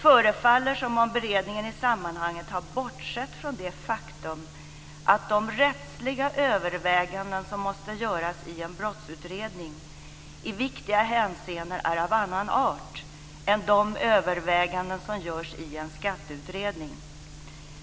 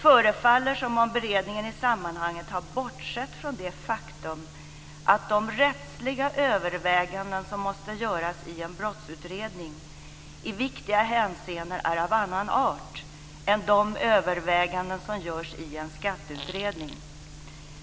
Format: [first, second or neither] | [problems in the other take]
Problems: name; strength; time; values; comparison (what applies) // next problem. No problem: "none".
first | background sound (Fart); 17 dB below the speech